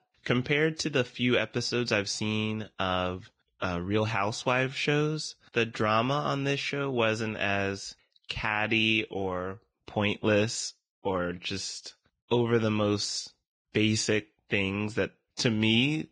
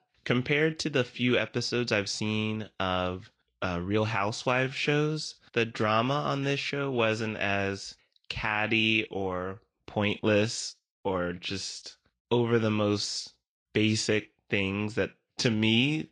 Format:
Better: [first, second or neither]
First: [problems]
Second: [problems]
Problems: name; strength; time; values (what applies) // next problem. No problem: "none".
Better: second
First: garbled, watery; badly; nothing above 8.5 kHz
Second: garbled, watery; slightly